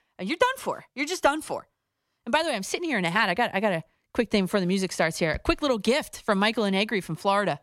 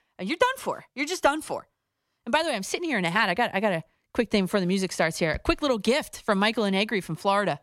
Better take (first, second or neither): neither